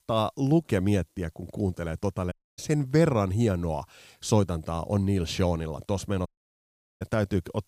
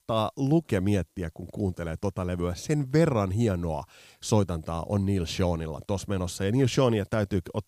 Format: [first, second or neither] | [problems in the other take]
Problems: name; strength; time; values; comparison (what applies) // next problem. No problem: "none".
second | audio cutting out; at 2.5 s and at 6.5 s for 1 s